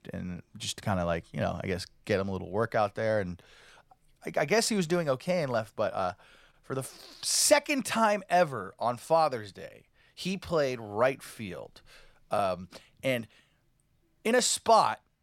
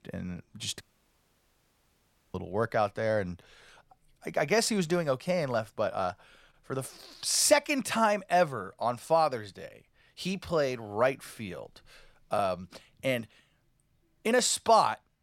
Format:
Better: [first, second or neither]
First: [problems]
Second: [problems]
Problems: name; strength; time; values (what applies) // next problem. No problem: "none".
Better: first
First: none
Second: audio cutting out; at 1 s for 1.5 s